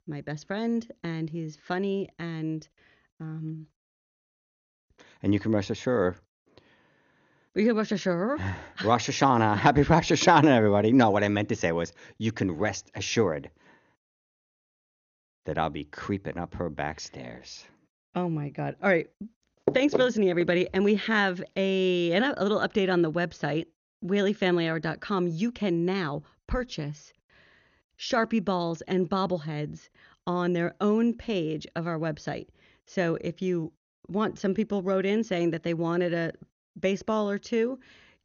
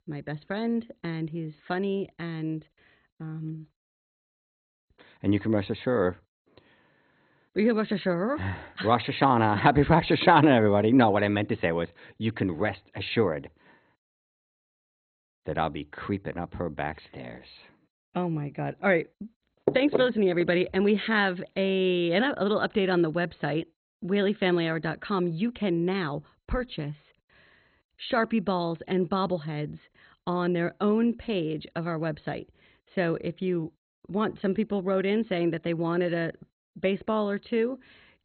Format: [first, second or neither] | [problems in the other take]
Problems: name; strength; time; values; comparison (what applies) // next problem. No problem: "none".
first | garbled, watery; badly; nothing above 4 kHz; slightly in the first